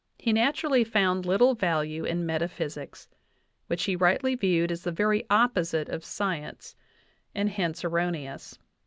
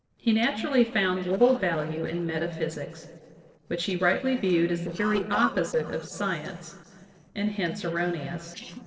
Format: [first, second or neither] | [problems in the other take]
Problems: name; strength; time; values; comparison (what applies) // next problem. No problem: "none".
first | noise reduction (neural separator model SepFormer DNS4)